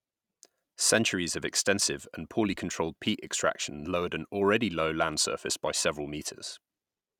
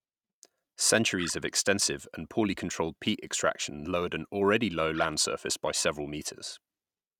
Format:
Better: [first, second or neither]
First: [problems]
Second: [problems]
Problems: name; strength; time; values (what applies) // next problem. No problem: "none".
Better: first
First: none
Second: noise reduction (neural mask model RNNoise)